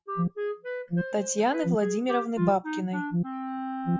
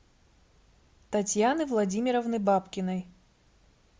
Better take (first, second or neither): second